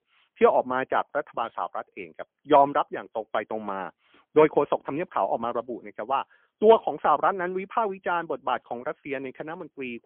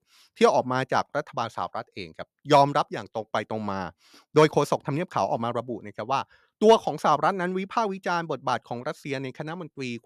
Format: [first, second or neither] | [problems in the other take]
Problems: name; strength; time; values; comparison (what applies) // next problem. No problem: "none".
second | phone-call audio; poor line; nothing above 3.5 kHz